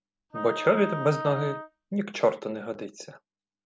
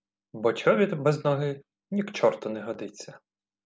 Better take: second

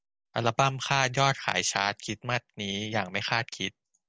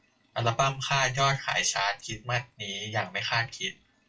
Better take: first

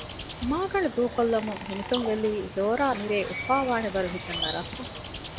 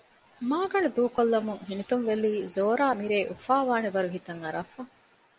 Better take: second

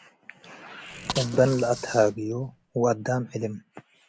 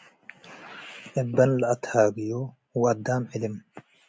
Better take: second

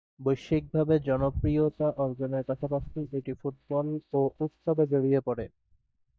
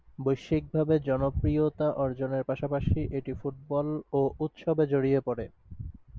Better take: second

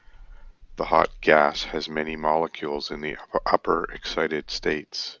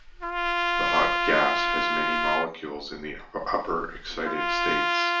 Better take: first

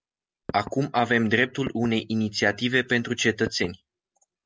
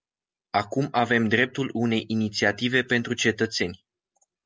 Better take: second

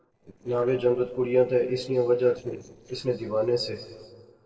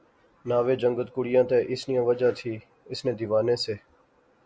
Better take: second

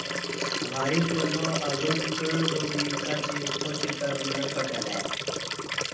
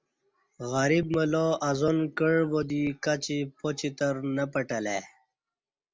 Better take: second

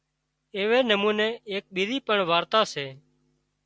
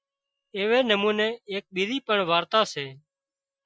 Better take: first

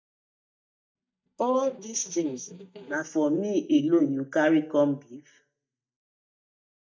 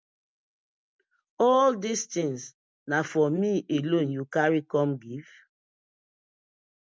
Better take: second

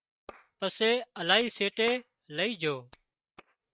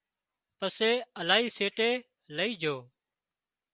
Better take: second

